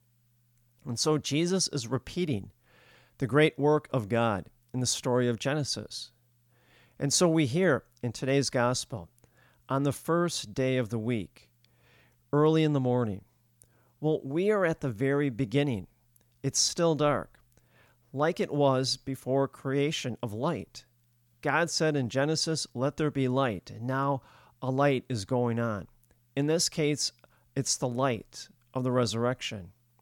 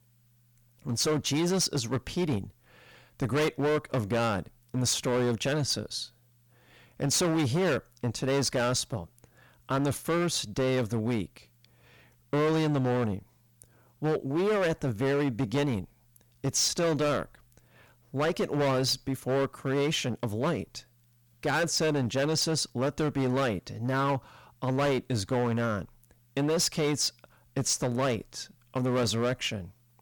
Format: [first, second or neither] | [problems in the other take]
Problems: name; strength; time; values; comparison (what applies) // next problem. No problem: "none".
first | distortion; heavy; 14% of the sound clipped